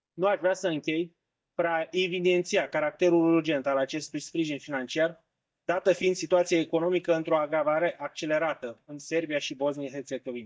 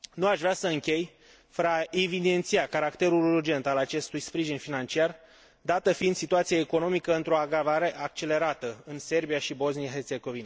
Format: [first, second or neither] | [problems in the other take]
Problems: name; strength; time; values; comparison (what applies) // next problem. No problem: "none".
second | noise reduction (neural mask model DeepFilterNet 3)